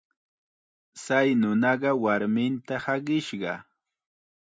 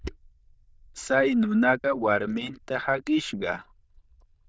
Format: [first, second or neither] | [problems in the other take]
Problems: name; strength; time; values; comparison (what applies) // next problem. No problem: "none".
first | noise reduction (neural diffusion model UNIVERSE++)